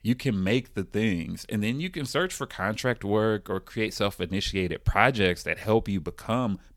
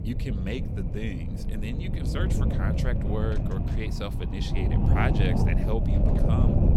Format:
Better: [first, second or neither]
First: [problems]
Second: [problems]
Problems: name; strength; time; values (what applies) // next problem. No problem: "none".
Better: first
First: none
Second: wind noise on the microphone; heavy; 1 dB below the speech